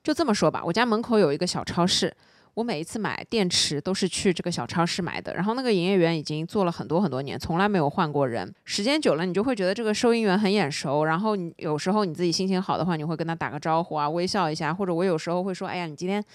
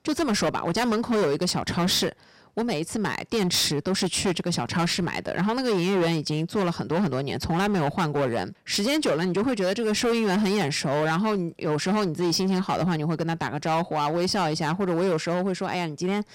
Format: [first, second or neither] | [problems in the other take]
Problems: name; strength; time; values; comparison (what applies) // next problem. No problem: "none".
first | distortion; heavy; 18% of the sound clipped